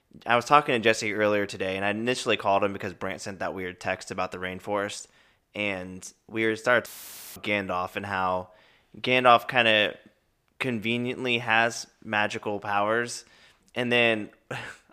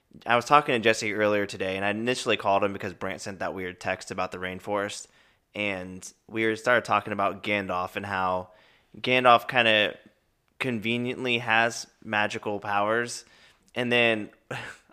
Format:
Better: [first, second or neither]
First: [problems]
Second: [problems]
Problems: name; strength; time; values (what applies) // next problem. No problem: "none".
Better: second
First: audio cutting out; filled with static; at 7 s for 0.5 s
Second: none